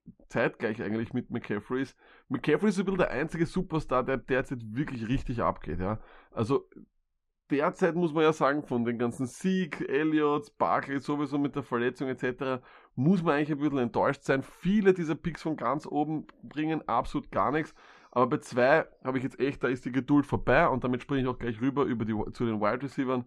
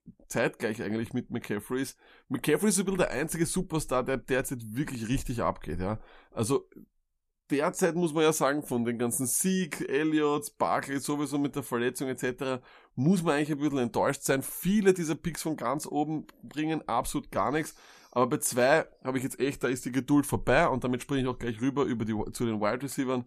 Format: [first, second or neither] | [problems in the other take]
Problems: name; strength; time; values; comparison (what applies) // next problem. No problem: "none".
second | muffled; slightly; fading above 3 kHz